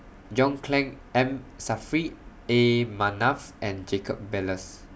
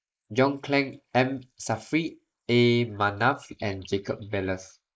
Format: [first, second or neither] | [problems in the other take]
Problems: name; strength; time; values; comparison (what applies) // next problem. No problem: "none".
first | noise reduction (neural mask model Resemble Enhance denoiser)